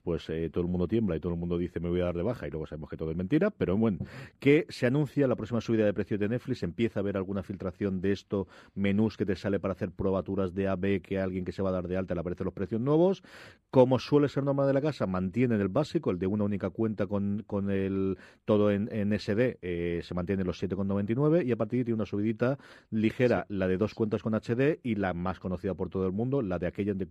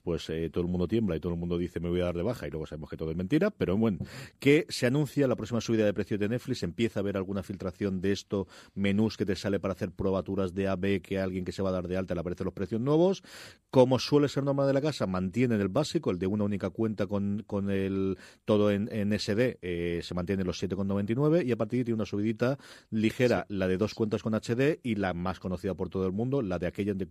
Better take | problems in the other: second | muffled; slightly; fading above 3.5 kHz

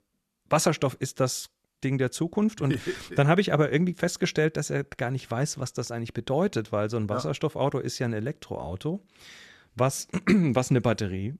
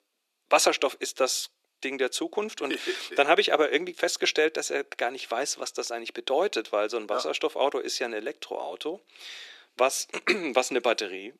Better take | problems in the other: first | thin; very; fading below 350 Hz

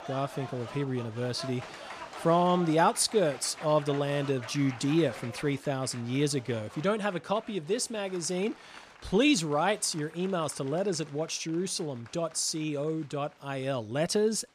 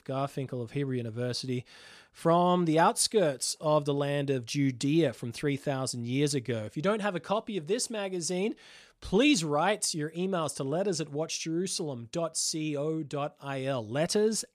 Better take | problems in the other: second | crowd noise; noticeable; throughout; 15 dB below the speech

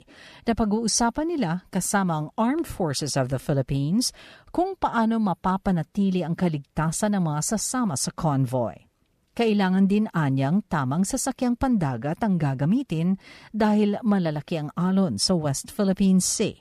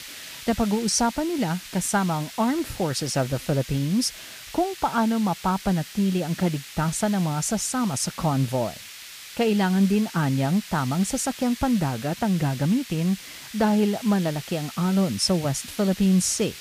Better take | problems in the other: first | hiss; noticeable; throughout; 15 dB below the speech

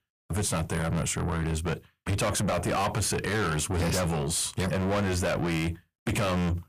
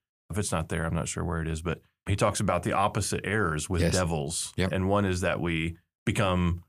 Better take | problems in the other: second | distortion; heavy; 6 dB below the speech

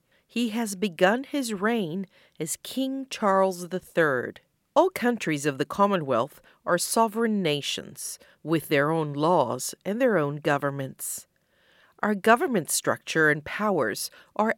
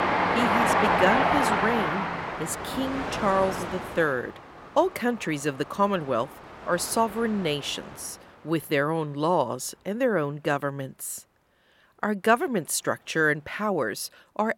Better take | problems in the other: first | train or aircraft noise; very loud; throughout; 1 dB above the speech

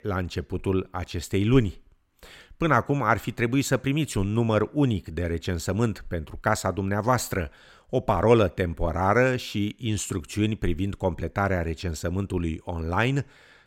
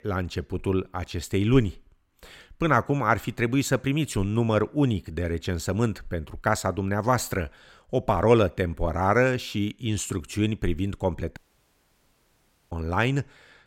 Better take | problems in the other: first | audio cutting out; at 11 s for 1.5 s

